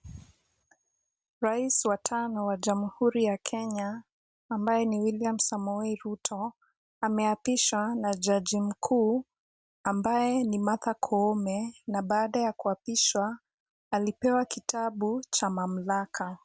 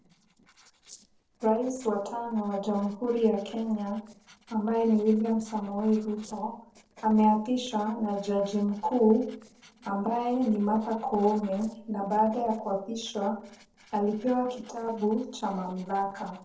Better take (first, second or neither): first